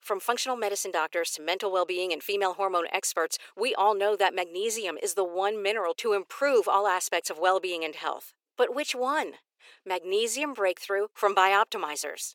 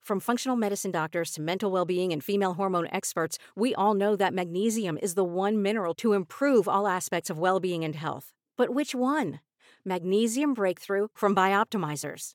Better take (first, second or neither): second